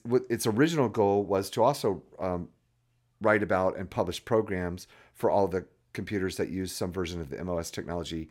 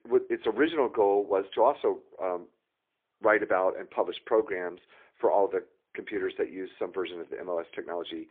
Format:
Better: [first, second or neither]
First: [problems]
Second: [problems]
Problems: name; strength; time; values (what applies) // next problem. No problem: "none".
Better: first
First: none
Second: phone-call audio; poor line; nothing above 3.5 kHz